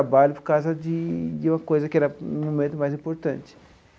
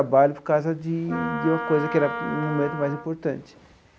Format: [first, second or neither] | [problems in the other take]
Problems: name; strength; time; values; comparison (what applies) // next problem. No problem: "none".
first | background sound (Wind instrument, woodwind instrument); 8 dB below the speech